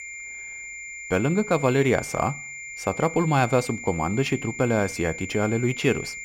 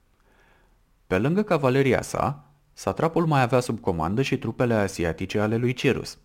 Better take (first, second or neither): second